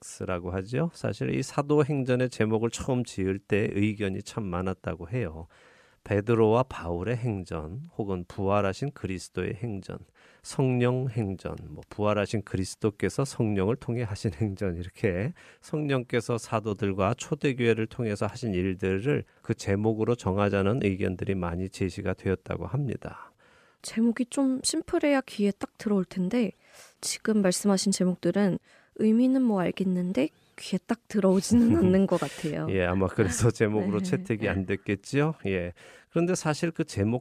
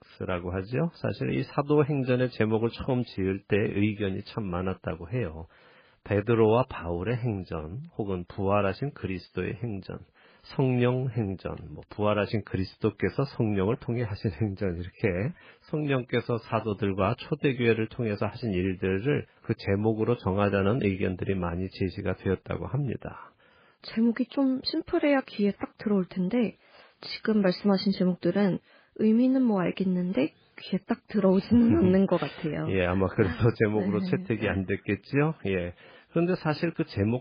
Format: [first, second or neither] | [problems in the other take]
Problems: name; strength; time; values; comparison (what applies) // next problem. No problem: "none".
first | garbled, watery; badly; nothing above 4.5 kHz